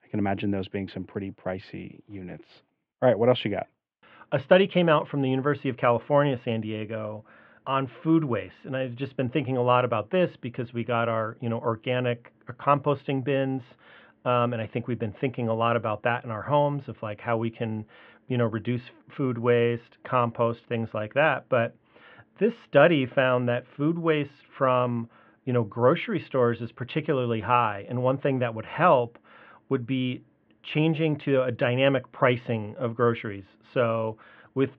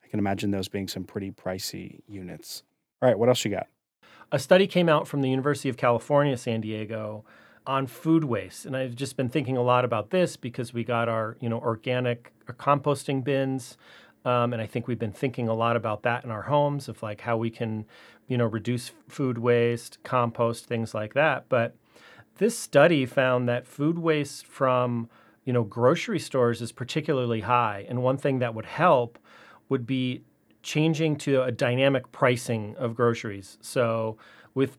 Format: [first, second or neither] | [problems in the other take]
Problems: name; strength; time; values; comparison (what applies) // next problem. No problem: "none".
second | muffled; very; fading above 3 kHz